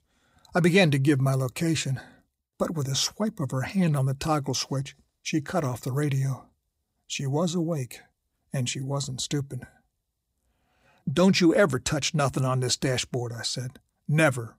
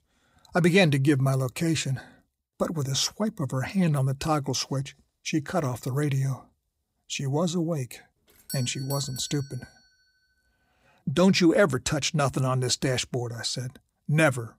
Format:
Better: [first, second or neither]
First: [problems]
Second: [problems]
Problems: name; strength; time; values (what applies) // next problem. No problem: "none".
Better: first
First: none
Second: doorbell; faint; from 8.5 to 9.5 s; peak 10 dB below the speech